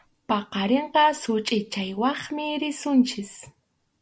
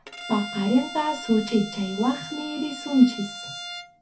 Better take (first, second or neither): first